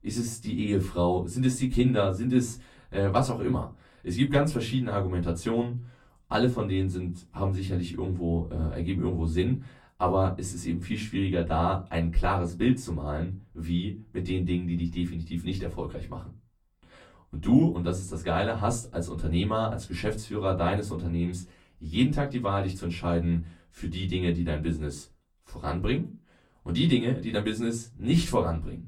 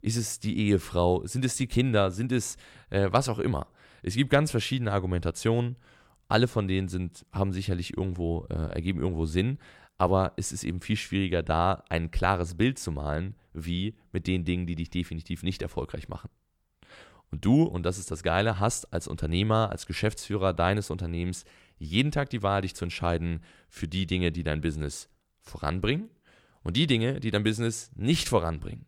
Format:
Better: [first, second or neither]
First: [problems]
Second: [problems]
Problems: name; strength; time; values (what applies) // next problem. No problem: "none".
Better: second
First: off-mic speech; far // room echo; very slight; dies away in 0.2 s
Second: none